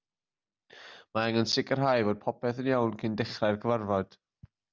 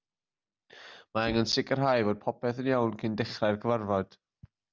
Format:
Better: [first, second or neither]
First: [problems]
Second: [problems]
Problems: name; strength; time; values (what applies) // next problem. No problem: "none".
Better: first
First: none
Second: background sound (Knock); 19 dB below the speech